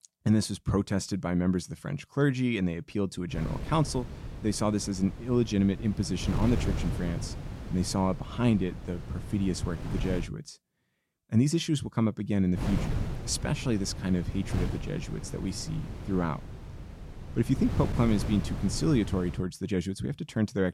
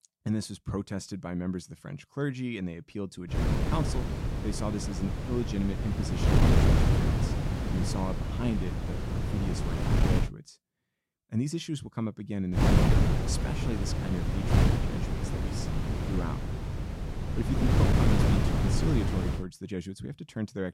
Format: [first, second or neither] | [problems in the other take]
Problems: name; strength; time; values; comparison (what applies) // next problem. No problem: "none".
first | wind noise on the microphone; heavy; from 3.5 to 10 s and from 13 to 19 s; 4 dB above the speech; occasional gusts in the first